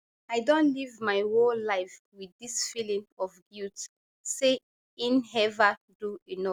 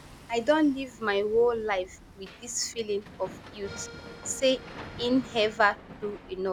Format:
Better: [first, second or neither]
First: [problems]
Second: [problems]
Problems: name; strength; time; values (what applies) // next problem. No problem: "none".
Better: first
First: none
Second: background sound (Accordion + Hammer); 17 dB below the speech